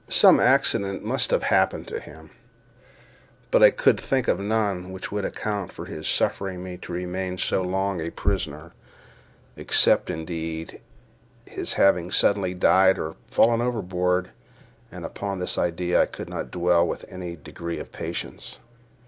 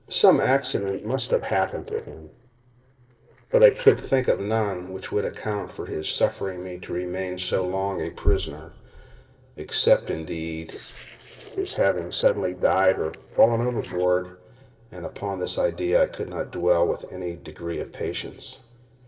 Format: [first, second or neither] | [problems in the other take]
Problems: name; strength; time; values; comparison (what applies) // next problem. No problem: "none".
first | noise reduction (neural separator model SepFormer DNS4)